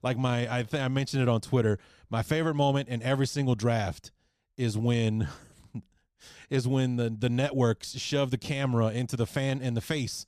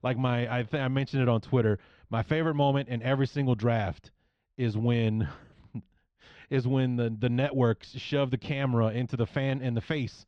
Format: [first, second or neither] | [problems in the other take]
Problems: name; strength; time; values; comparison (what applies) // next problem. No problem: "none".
first | muffled; slightly; fading above 3.5 kHz